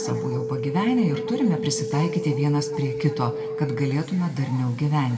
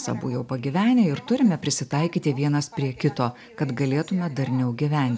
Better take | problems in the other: second | background sound (Telephone); 7 dB below the speech // room echo; dies away in 1.5 s

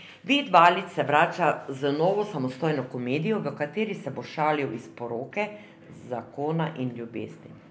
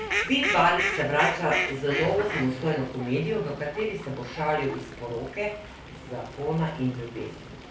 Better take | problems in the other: first | background sound (Fowl); 6 dB below the speech // room echo; dies away in 0.3 s

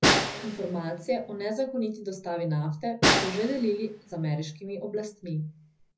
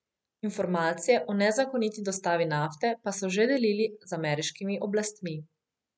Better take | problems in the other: second | background sound (Snare drum); 1 dB above the speech // room echo; dies away in 0.4 s

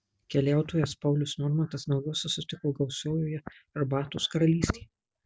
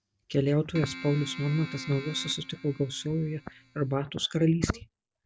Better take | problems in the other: first | background sound (Keyboard (musical)); 14 dB below the speech

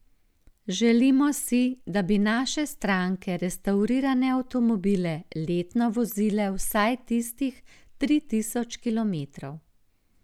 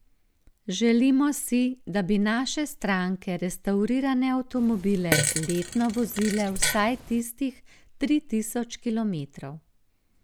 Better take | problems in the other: first | background sound (Fart); 4 dB below the speech

